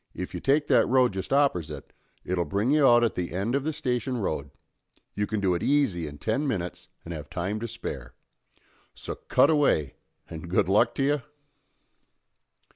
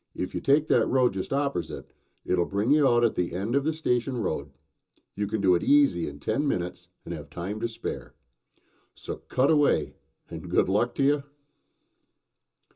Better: first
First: none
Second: room echo; dies away in 0.2 s

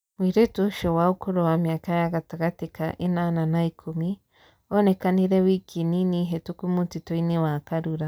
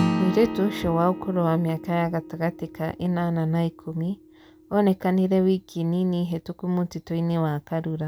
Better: first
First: none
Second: background sound (Acoustic guitar / Strum); 10 dB below the speech

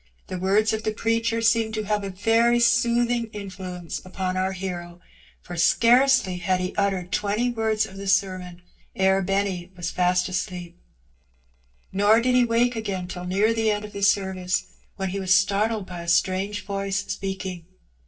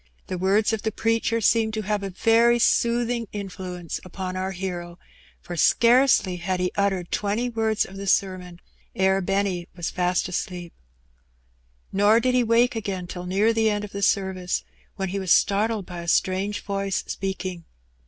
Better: second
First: noise reduction (neural separator model SepFormer DNS4)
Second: none

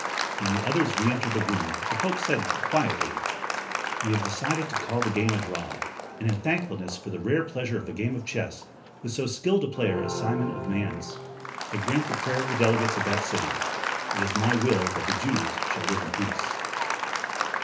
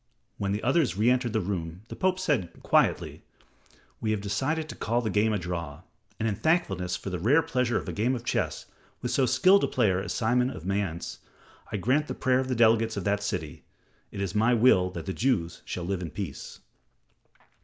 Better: second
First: background sound (Applause); 2 dB below the speech // room echo; dies away in 0.3 s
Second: none

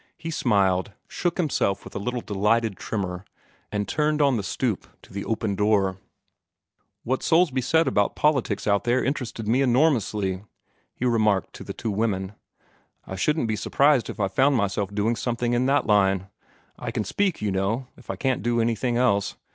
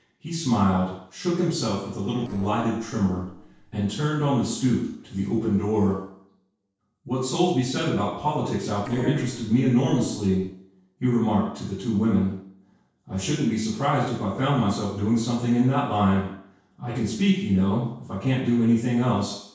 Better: first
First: none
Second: noise reduction (neural separator model SepFormer DNS4)

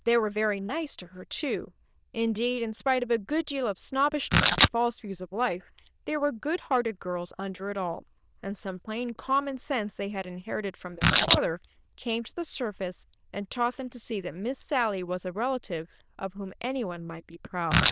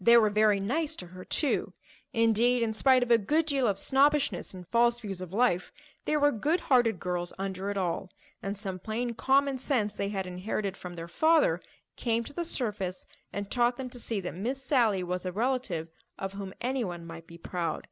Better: second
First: noise reduction (neural diffusion model UNIVERSE++)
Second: none

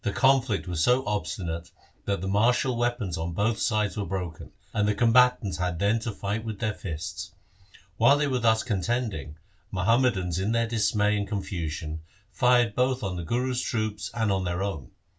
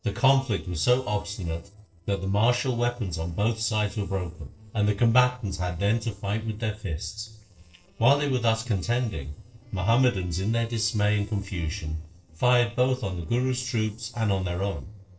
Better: first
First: none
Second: noise reduction (neural separator model SepFormer DNS4)

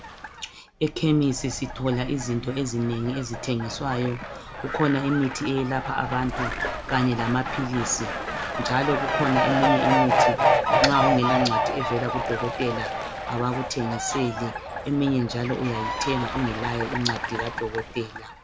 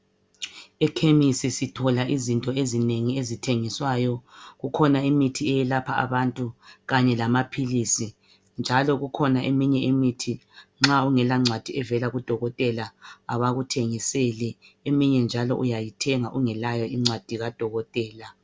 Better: second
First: background sound (Fowl); 1 dB below the speech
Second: none

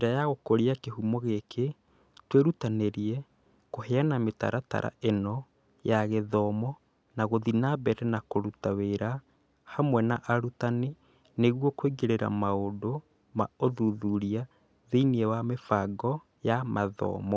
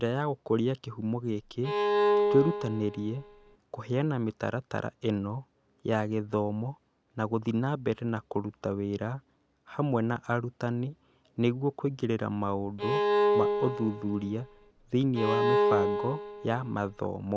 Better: first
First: none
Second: background sound (Bowed string instrument); 2 dB above the speech

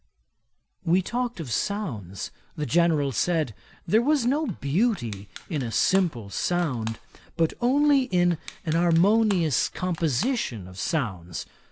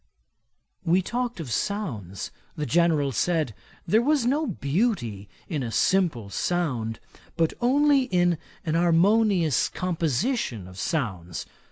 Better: second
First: background sound (Crushing); 20 dB below the speech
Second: none

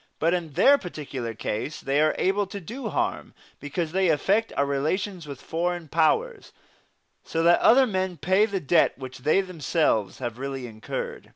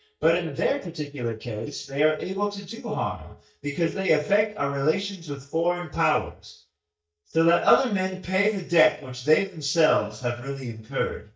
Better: first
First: none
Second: noise reduction (neural mask model DeepFilterNet 3)

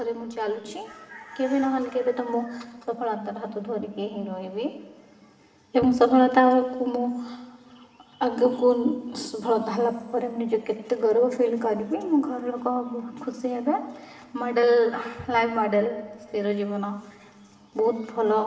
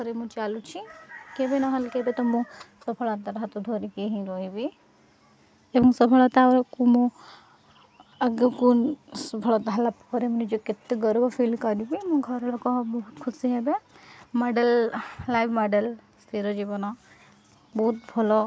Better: second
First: room echo; dies away in 2.5 s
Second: none

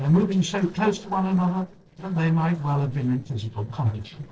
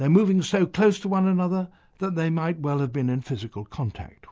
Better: second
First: noise reduction (neural separator model SepFormer DNS4)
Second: none

